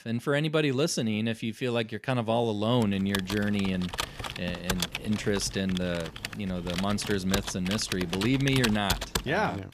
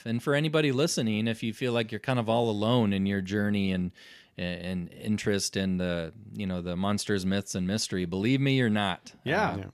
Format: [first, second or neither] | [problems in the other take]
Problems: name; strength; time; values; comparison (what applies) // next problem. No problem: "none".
second | keyboard typing; noticeable; from 3 s on; peak level with the speech